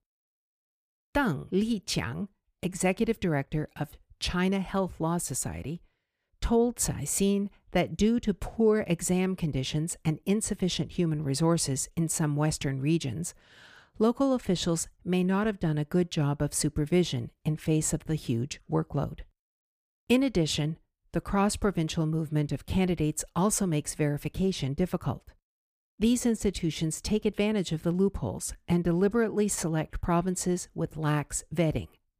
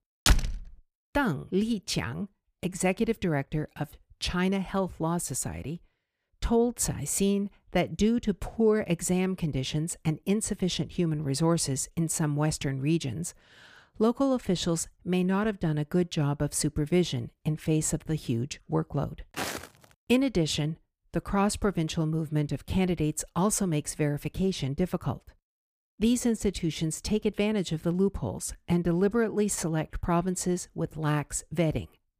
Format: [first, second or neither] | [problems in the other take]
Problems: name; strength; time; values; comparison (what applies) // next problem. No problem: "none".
first | door banging; loud; at 0.5 s; peak 3 dB above the speech // footsteps; noticeable; at 19 s; peak 5 dB below the speech